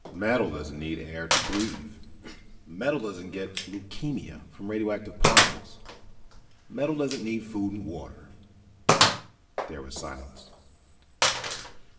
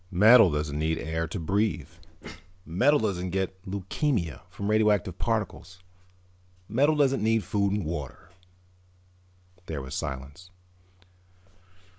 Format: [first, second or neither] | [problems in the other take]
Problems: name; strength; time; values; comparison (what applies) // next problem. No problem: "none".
second | background sound (Gunshot, gunfire); 2 dB above the speech // room echo; dies away in 2.5 s